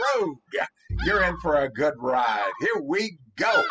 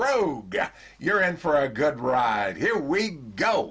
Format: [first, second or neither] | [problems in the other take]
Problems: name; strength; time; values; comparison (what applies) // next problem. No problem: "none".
second | noise reduction (classical method spectral subtraction)